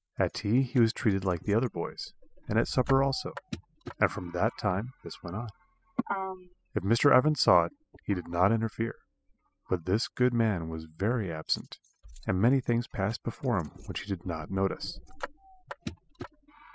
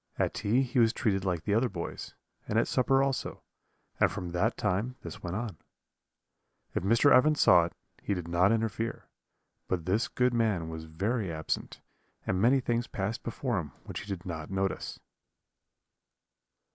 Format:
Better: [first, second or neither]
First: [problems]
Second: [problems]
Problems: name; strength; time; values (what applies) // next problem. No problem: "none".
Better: second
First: noise reduction (classical method spectral subtraction)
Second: none